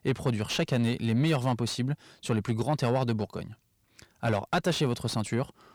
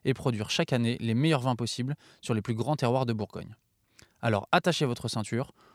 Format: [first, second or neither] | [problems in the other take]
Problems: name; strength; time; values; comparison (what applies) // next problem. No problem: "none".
second | distortion; slight; 10 dB below the speech